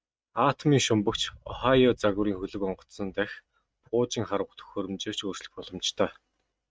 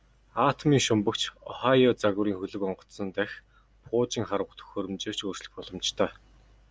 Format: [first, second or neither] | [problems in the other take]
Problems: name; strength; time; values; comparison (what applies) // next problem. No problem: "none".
second | noise reduction (neural mask model RNNoise)